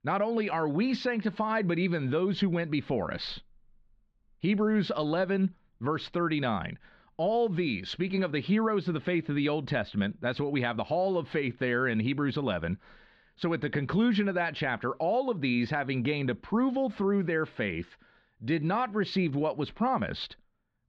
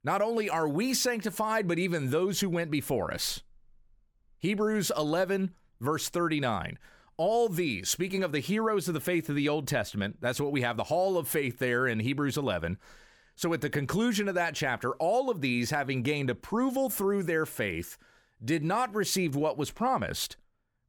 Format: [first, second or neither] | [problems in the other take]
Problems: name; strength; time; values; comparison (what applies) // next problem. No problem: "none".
second | muffled; slightly; fading above 4 kHz